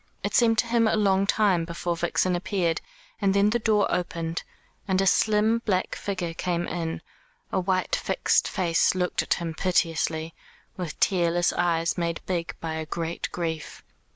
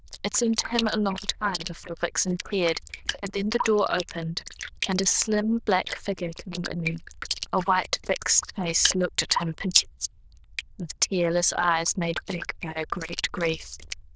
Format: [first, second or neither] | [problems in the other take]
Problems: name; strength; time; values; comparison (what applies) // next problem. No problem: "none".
first | noise reduction (neural diffusion model UNIVERSE++)